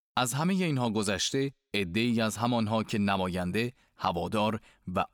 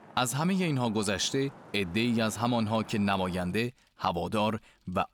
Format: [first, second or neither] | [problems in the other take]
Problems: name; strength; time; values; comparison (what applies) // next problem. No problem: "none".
first | traffic noise; noticeable; throughout; 20 dB below the speech